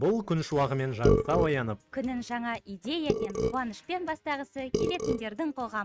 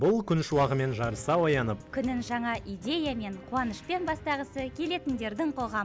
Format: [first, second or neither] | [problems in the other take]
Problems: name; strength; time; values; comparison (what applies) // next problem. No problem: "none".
second | noise reduction (neural mask model RNNoise)